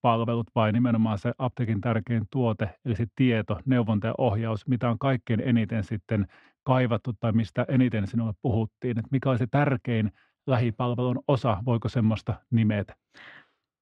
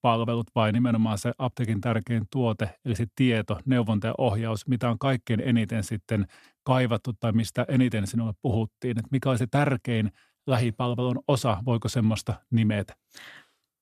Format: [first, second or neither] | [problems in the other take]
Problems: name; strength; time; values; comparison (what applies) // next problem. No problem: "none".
second | muffled; slightly; fading above 2.5 kHz